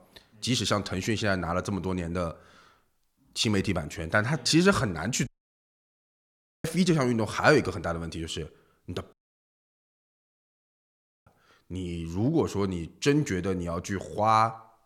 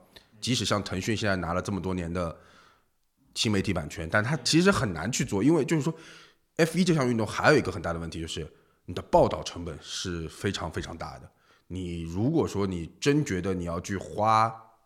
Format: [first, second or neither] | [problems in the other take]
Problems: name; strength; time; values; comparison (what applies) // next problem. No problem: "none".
second | audio cutting out; at 5.5 s for 1.5 s and at 9 s for 2 s